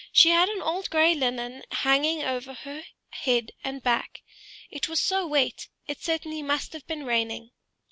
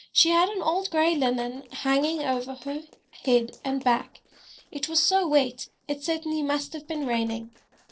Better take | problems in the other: first | noise reduction (neural separator model SepFormer DNS4)

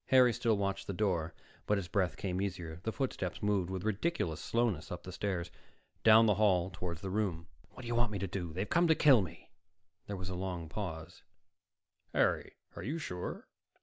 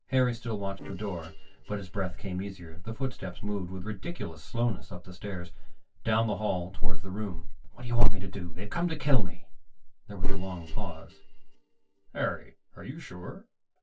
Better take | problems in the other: first | noise reduction (neural separator model SepFormer DNS4)

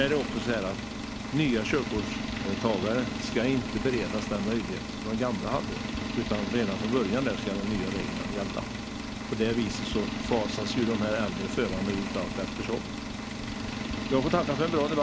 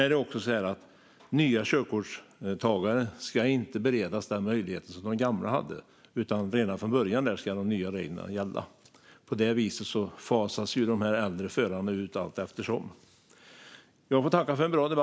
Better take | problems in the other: second | background sound (Engine); 3 dB below the speech

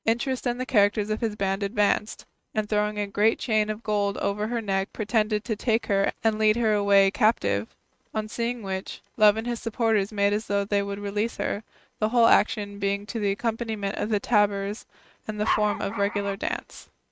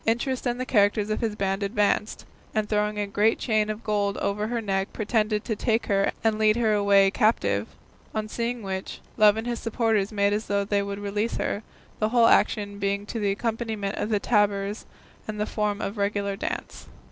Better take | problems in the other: second | noise reduction (neural mask model RNNoise)

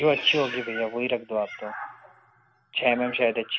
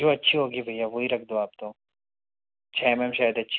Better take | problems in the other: second | background sound (Meow); 12 dB below the speech

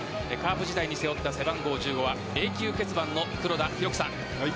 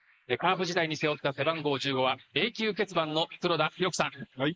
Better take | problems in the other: first | noise reduction (neural mask model Resemble Enhance denoiser)

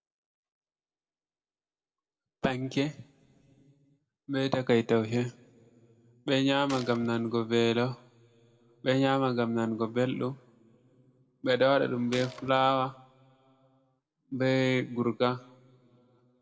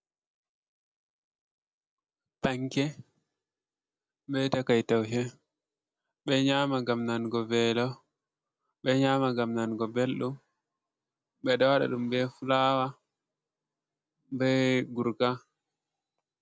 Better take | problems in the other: second | background sound (Gunshot, gunfire); 17 dB below the speech // room echo; dies away in 1.8 s

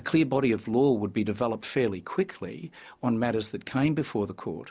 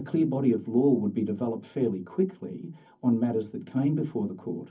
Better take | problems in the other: first | room echo; dies away in 0.3 s

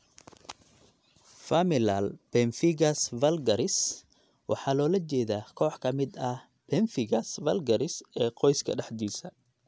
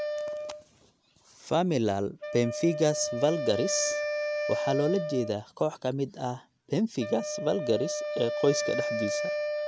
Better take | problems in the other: first | background sound (Wind instrument, woodwind instrument); 4 dB below the speech

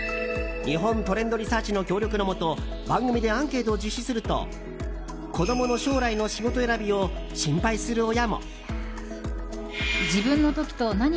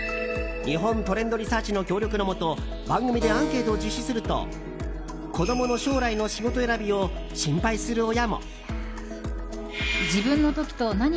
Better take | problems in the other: first | background sound (Keyboard (musical)); 14 dB below the speech

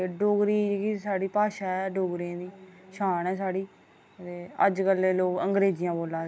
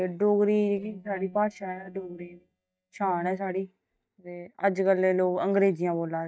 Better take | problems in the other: first | noise reduction (neural mask model DeepFilterNet 3)

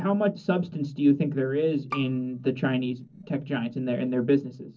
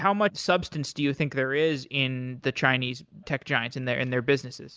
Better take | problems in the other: second | noise reduction (neural separator model SepFormer DNS4)

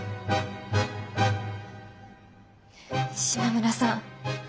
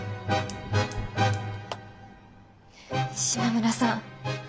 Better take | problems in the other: first | background sound (Clapping + Fire); 17 dB below the speech

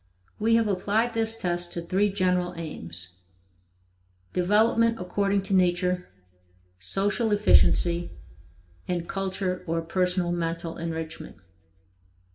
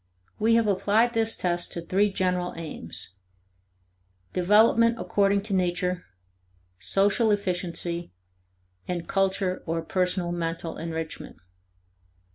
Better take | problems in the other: second | background sound (Bass drum); 3 dB below the speech // room echo; dies away in 0.7 s

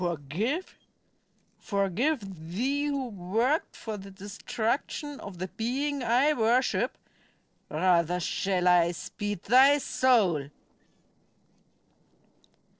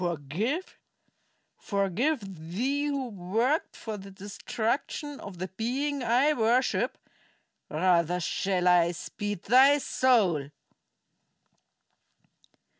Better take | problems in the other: second | noise reduction (neural separator model SepFormer DNS4)

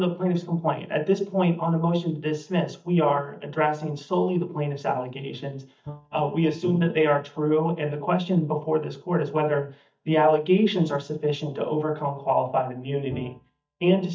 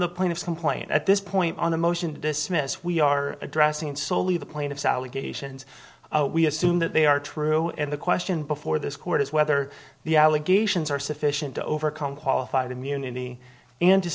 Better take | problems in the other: second | noise reduction (neural mask model DeepFilterNet 3)

